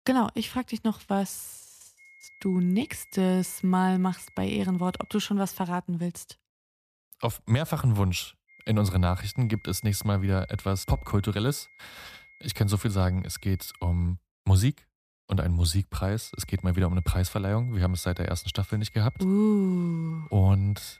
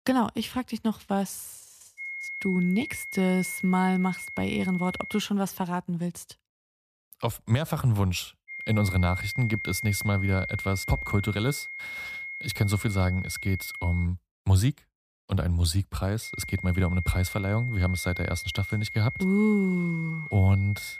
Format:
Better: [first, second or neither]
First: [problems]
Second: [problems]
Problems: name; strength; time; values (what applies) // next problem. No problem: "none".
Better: first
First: high-pitched whine; faint; from 2 to 5 s, from 8.5 to 14 s and from 16 s on; 2 kHz, 25 dB below the speech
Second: high-pitched whine; loud; from 2 to 5 s, from 8.5 to 14 s and from 16 s on; 2 kHz, 7 dB below the speech